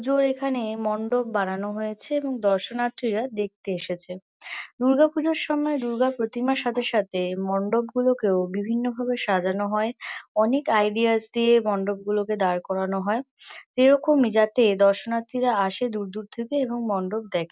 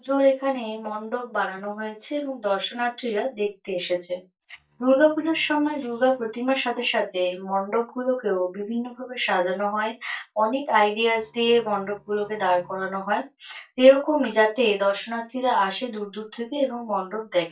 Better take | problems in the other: first | noise reduction (neural mask model DeepFilterNet 3)

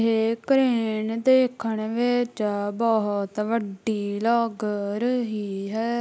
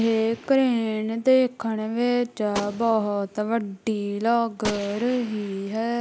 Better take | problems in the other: first | background sound (Gunshot, gunfire); 17 dB below the speech

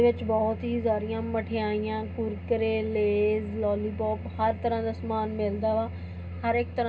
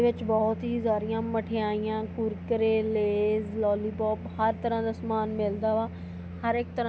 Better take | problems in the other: second | room echo; dies away in 0.2 s

